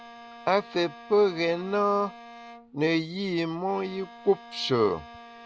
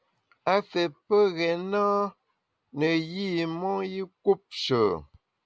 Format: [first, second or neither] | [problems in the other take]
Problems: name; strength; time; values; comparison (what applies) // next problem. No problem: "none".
second | background sound (Bowed string instrument); 19 dB below the speech